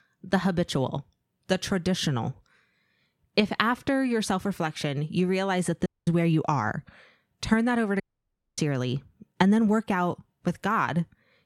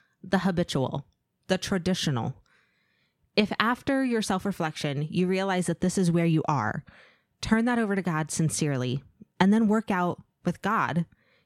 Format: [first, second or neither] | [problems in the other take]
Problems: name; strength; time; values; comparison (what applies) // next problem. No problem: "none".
second | audio cutting out; at 6 s and at 8 s for 0.5 s